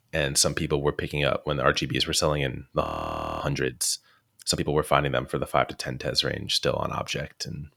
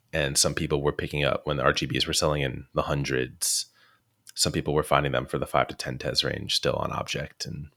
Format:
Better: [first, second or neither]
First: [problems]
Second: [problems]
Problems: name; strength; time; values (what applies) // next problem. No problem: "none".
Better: second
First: audio freezing; at 3 s for 0.5 s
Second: none